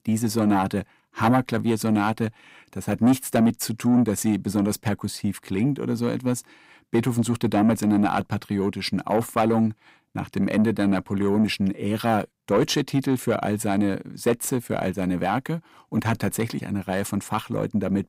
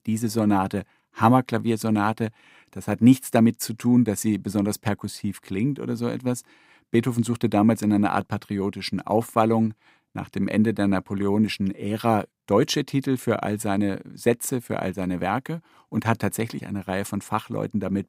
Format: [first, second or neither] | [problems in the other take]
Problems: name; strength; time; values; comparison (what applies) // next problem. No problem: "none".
second | distortion; slight; 10 dB below the speech